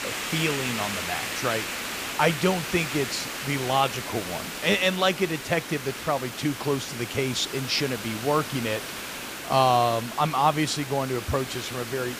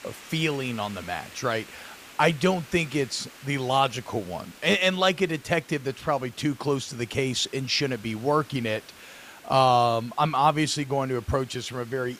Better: second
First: hiss; loud; throughout; 6 dB below the speech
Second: hiss; faint; throughout; 20 dB below the speech

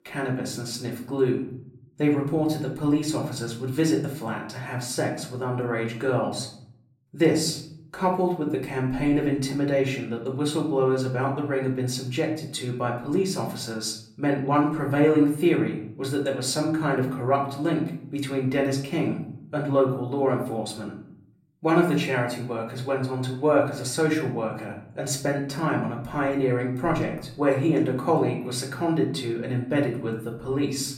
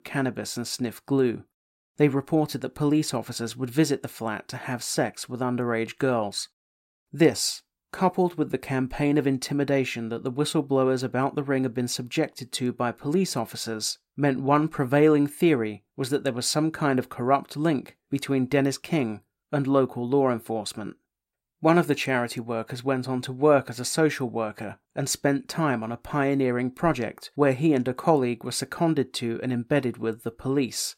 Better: second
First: off-mic speech; far // room echo; slight; dies away in 0.7 s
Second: none

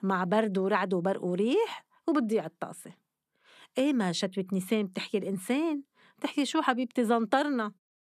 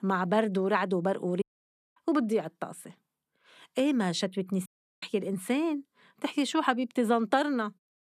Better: first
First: none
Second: audio cutting out; at 1.5 s for 0.5 s and at 4.5 s

